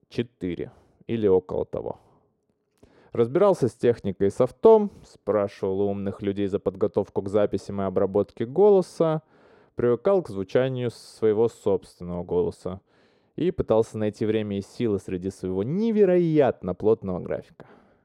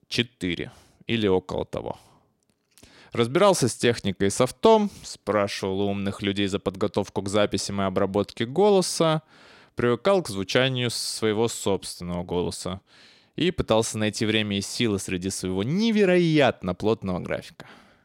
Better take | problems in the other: second | muffled; very; fading above 1.5 kHz

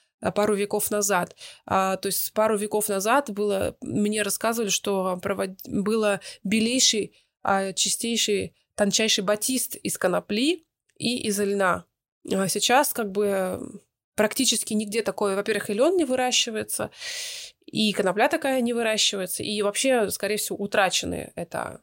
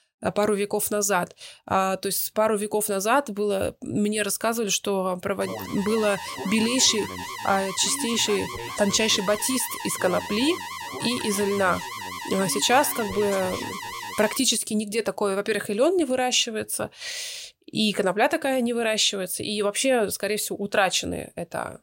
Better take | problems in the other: first | alarm; noticeable; from 5.5 to 14 s; peak 8 dB below the speech

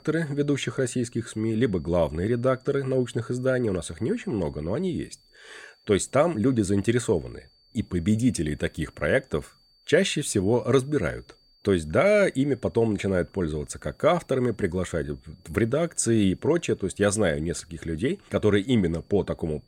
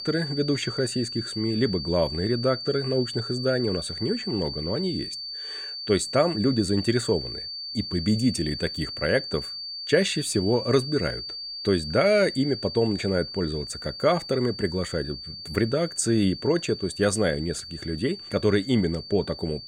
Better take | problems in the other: first | high-pitched whine; loud; throughout; 4.5 kHz, 8 dB below the speech; faint in the first

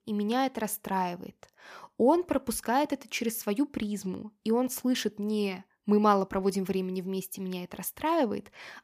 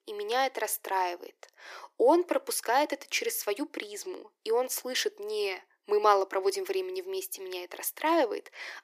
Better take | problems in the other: first | thin; very; fading below 300 Hz

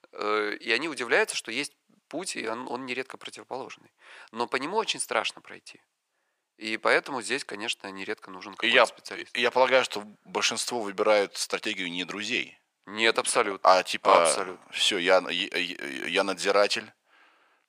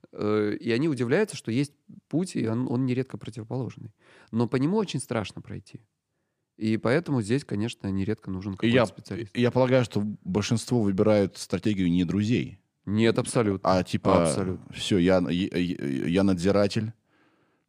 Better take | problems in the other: second | thin; very; fading below 800 Hz

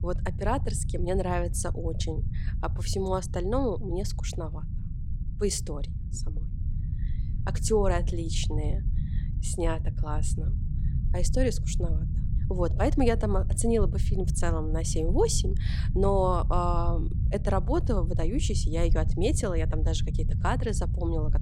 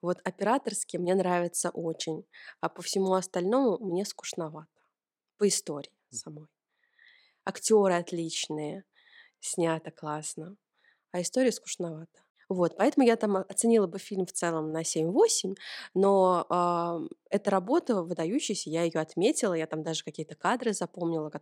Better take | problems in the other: second | low rumble; noticeable; throughout; 15 dB below the speech

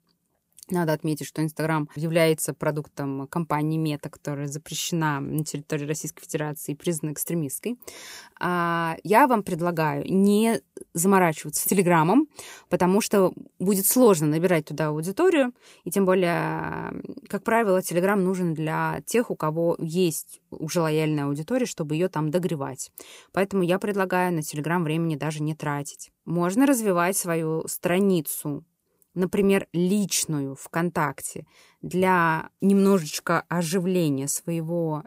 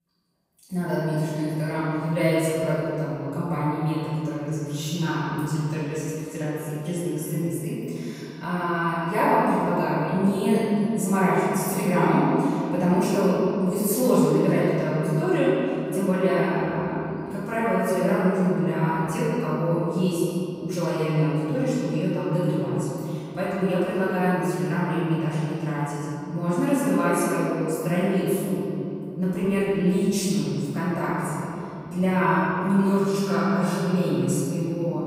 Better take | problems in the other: first | off-mic speech; far // room echo; strong; dies away in 3 s

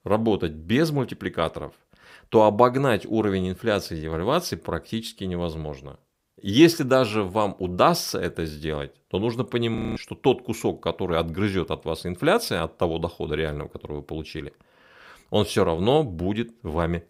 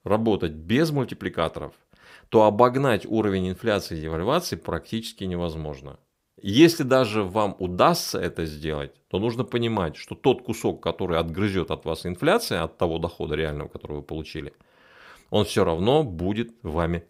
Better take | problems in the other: second | audio freezing; at 10 s

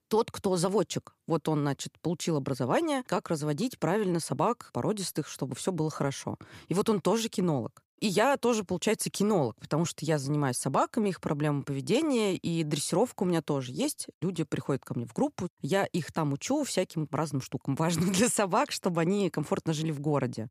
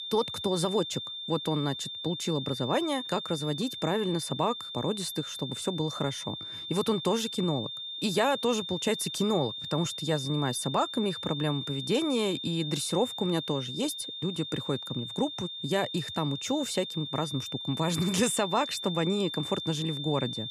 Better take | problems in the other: first | high-pitched whine; loud; throughout; 3.5 kHz, 5 dB below the speech

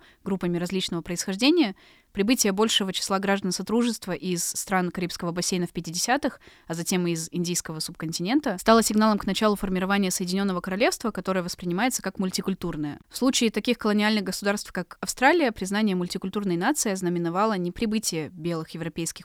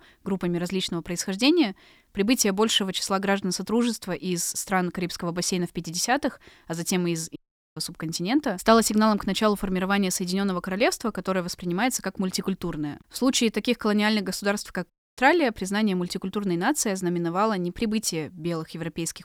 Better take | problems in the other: first | audio cutting out; at 7.5 s and at 15 s

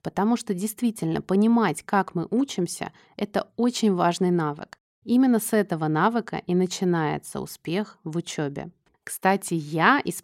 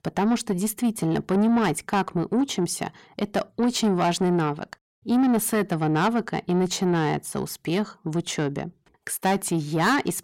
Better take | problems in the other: first | distortion; slight; 10 dB below the speech

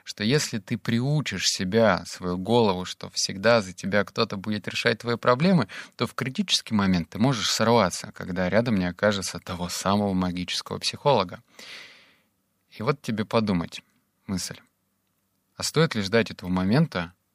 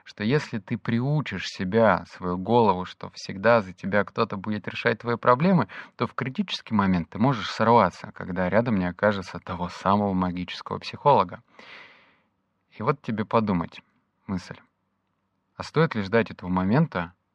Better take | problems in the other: first | muffled; slightly; fading above 2.5 kHz

